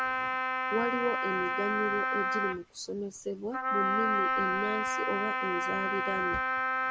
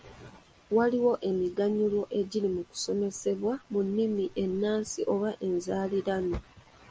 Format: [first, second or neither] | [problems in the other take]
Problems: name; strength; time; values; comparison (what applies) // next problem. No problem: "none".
second | background sound (Wind instrument, woodwind instrument); 5 dB above the speech